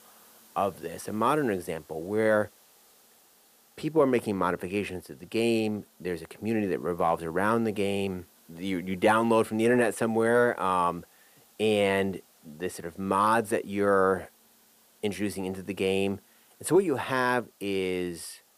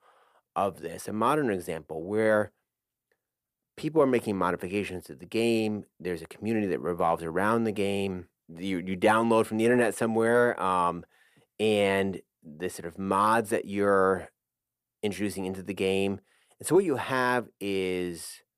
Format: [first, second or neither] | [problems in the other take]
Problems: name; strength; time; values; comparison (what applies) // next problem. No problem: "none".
second | hiss; faint; throughout; 30 dB below the speech